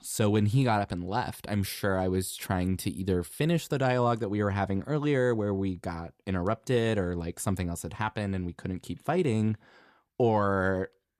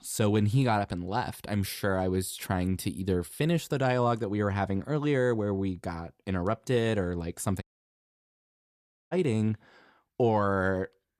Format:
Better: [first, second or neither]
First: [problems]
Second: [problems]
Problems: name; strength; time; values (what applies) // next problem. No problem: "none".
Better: first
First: none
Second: audio cutting out; at 7.5 s for 1.5 s